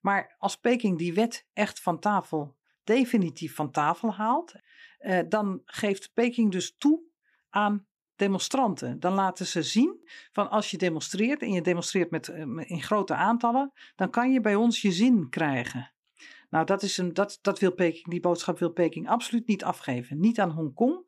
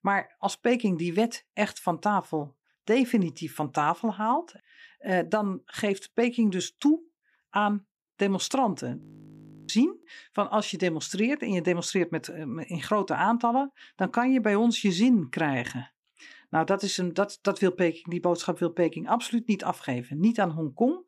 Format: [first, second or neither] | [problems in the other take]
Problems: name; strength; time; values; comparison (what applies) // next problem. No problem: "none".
first | audio freezing; at 9 s for 0.5 s